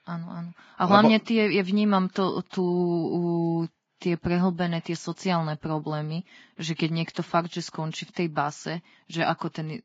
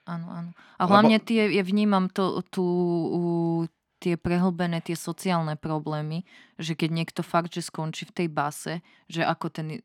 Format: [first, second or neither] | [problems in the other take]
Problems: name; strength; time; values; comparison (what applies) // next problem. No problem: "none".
second | garbled, watery; badly; nothing above 7.5 kHz